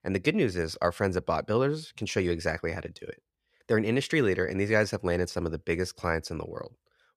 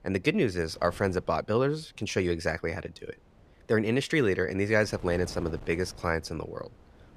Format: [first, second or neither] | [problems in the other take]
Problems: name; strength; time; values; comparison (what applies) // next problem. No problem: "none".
first | wind noise on the microphone; occasional gusts; 25 dB below the speech